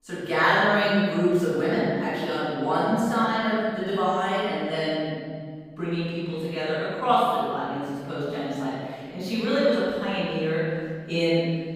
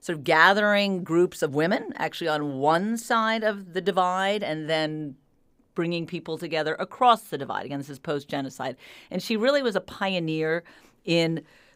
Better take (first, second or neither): second